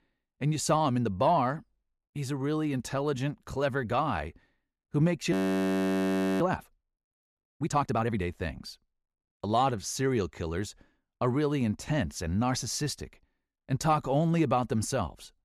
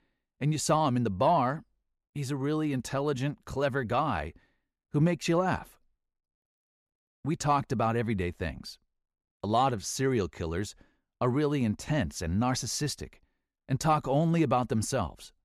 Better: second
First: audio freezing; at 5.5 s for 1 s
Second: none

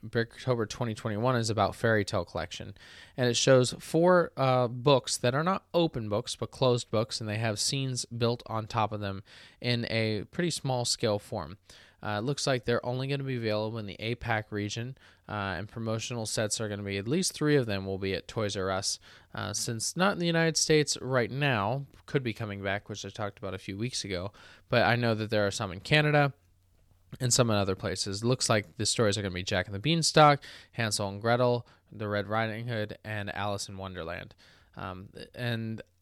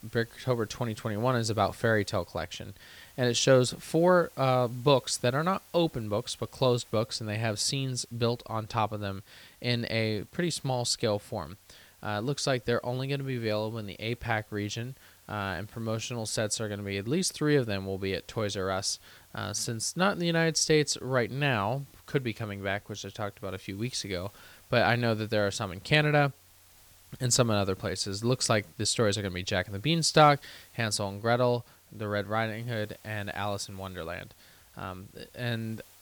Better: first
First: none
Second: hiss; faint; throughout; 25 dB below the speech

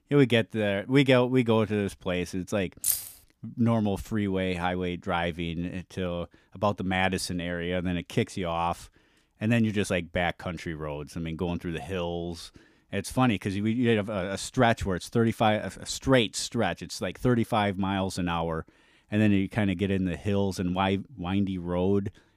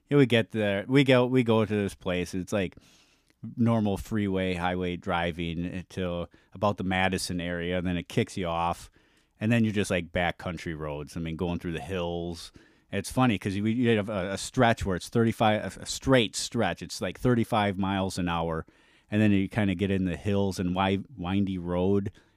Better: second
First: jangling keys; loud; at 3 s; peak 1 dB above the speech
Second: none

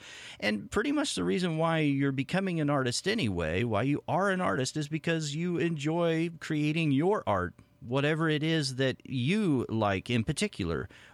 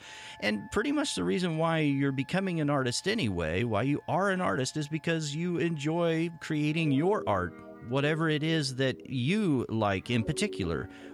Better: first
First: none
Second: background music; noticeable; throughout; 20 dB below the speech

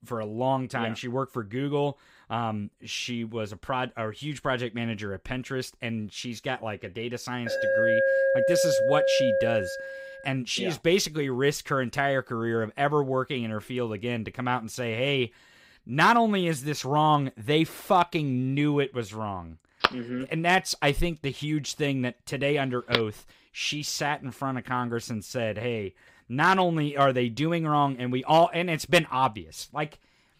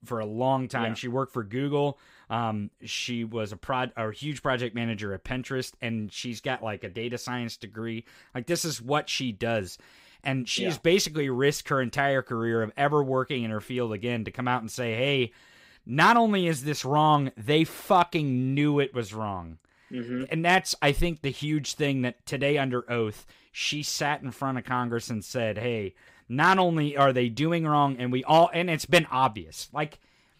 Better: second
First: alarm; loud; from 7.5 to 10 s; peak 5 dB above the speech // phone ringing; loud; from 20 to 23 s; peak level with the speech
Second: none

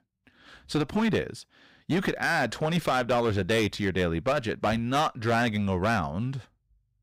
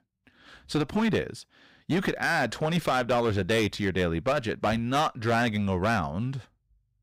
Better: neither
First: distortion; slight; 9% of the sound clipped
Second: distortion; slight; 9% of the sound clipped

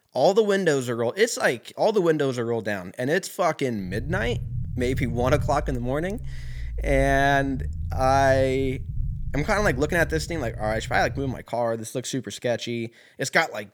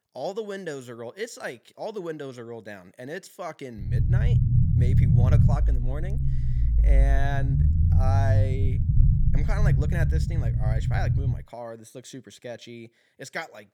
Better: first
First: low rumble; faint; from 4 to 11 s; 25 dB below the speech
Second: low rumble; loud; from 4 to 11 s; 1 dB below the speech

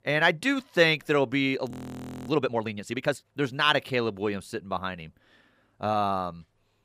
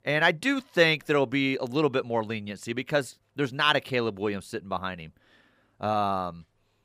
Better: second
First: audio freezing; at 1.5 s for 0.5 s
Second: none

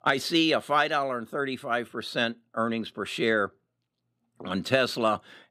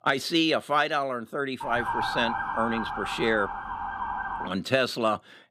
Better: first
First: none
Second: siren; noticeable; from 1.5 to 4.5 s; peak 1 dB below the speech

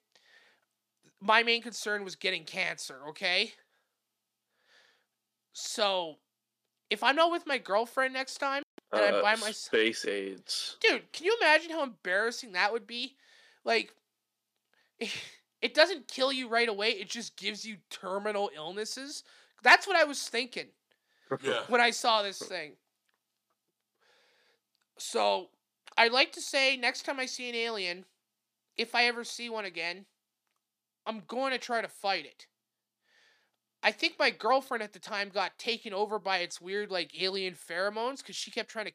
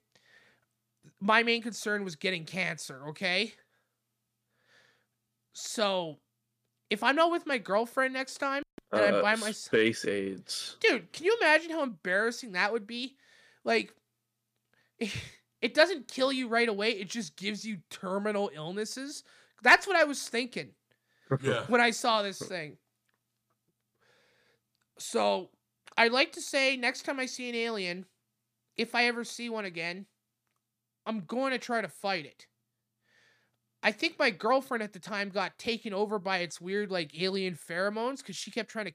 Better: second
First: thin; very slightly; fading below 300 Hz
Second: none

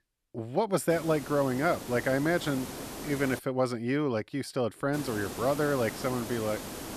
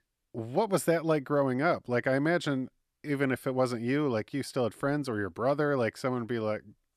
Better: second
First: hiss; noticeable; from 1 to 3.5 s and from 5 s on; 10 dB below the speech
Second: none

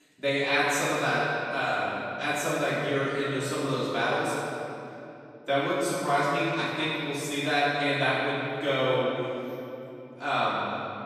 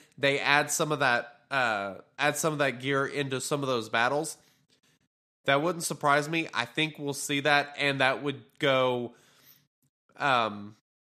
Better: second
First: off-mic speech; far // room echo; strong; dies away in 2.6 s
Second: none

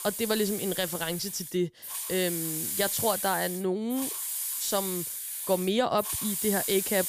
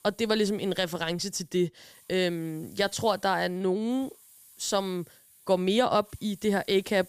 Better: second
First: hiss; loud; throughout; 2 dB below the speech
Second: hiss; faint; throughout; 25 dB below the speech

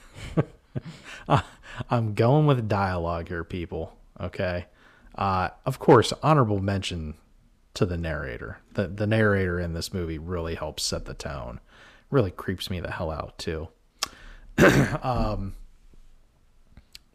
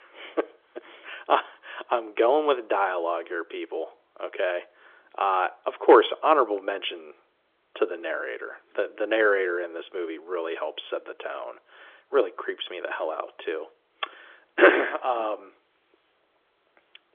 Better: first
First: none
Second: phone-call audio; nothing above 3.5 kHz

